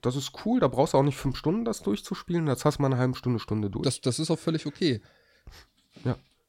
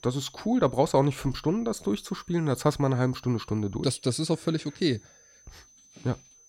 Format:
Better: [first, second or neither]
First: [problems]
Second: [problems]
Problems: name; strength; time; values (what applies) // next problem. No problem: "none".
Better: first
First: none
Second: high-pitched whine; faint; throughout; 6 kHz, 25 dB below the speech